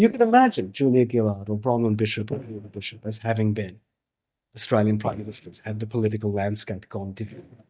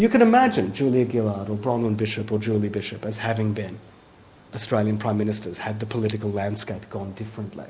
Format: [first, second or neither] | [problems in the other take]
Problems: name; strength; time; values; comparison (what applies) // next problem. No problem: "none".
second | noise reduction (neural mask model DeepFilterNet 3)